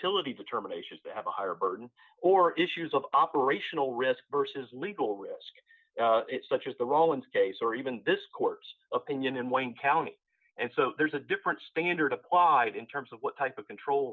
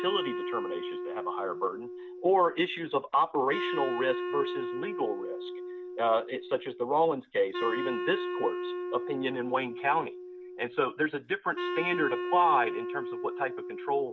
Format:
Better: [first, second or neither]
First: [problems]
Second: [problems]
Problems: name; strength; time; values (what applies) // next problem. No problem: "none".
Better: first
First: none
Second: background sound (Wind instrument, woodwind instrument); 6 dB below the speech